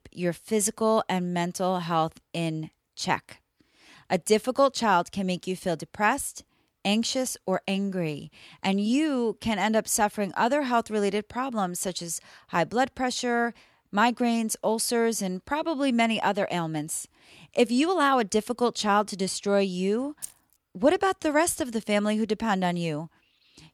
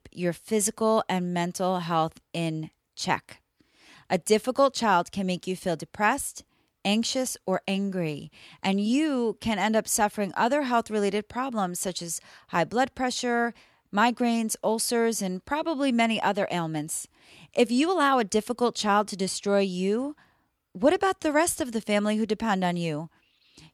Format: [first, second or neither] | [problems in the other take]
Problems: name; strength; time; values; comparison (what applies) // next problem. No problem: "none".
second | jangling keys; faint; at 20 s; peak 15 dB below the speech